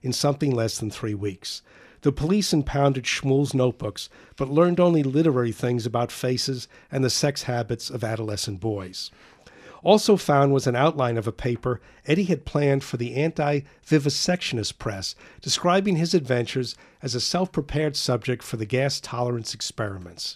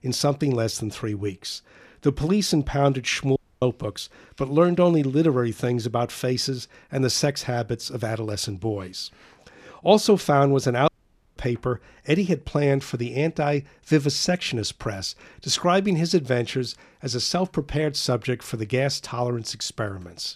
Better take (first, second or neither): first